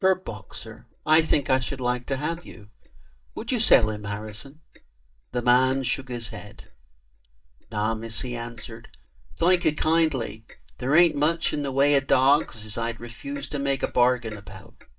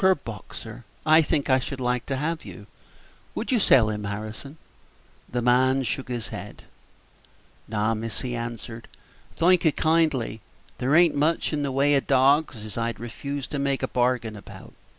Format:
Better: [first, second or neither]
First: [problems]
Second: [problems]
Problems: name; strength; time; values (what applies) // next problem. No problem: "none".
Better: second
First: noise reduction (neural mask model DeepFilterNet 3)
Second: none